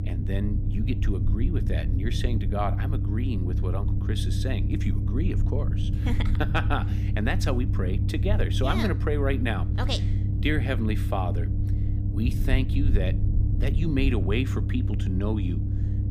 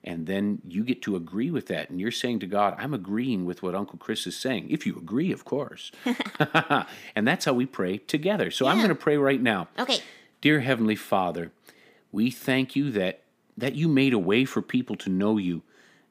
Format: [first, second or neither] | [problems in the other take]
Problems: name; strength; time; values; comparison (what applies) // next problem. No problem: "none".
second | low rumble; loud; throughout; 8 dB below the speech